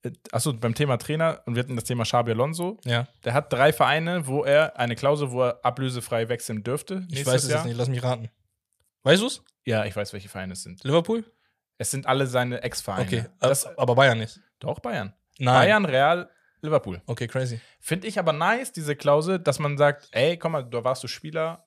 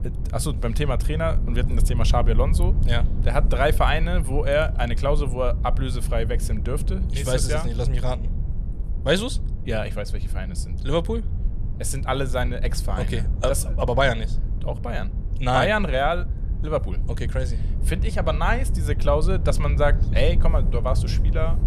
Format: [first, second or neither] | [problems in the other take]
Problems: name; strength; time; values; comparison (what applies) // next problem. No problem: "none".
first | low rumble; noticeable; throughout; 15 dB below the speech